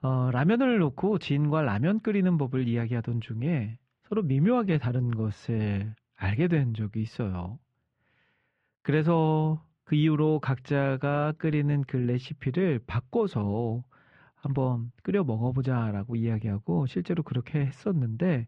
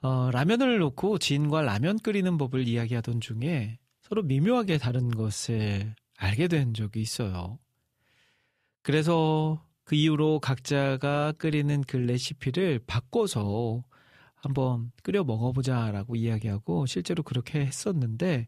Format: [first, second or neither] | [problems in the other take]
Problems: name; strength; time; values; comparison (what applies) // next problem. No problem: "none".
second | muffled; very; fading above 2 kHz